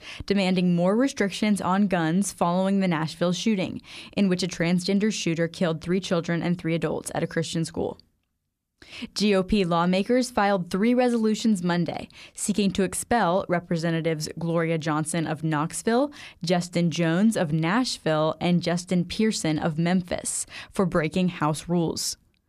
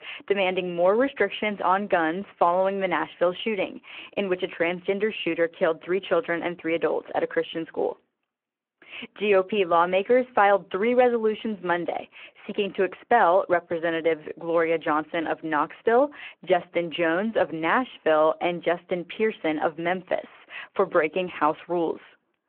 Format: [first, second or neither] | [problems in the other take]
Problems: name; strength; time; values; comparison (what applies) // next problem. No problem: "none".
first | phone-call audio